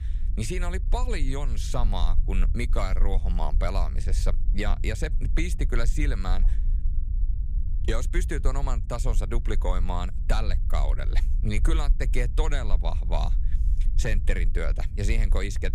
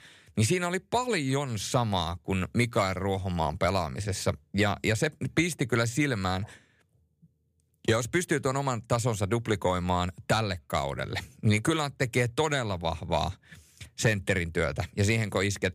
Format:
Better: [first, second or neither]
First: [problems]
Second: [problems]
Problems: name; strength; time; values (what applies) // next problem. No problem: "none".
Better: second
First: low rumble; noticeable; throughout; 15 dB below the speech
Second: none